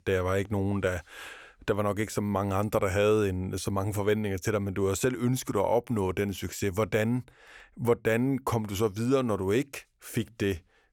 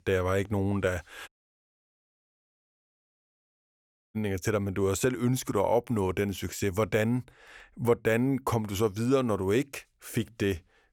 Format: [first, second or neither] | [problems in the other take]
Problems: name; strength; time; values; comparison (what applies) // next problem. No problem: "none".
first | audio cutting out; at 1.5 s for 3 s